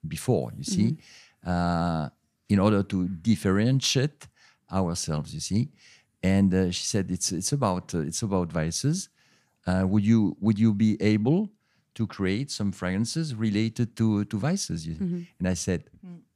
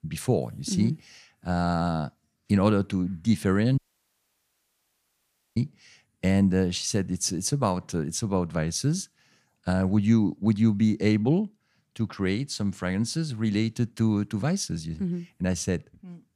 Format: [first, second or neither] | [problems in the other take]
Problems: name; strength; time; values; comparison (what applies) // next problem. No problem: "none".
first | audio cutting out; at 4 s for 2 s